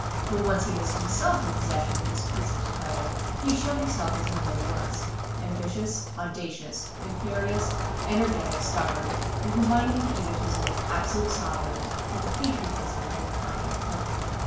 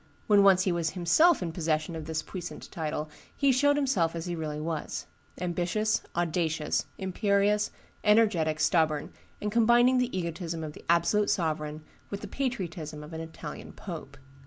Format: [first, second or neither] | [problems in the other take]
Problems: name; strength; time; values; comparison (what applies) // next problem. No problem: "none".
second | background sound (Rain); 2 dB above the speech // room echo; dies away in 0.5 s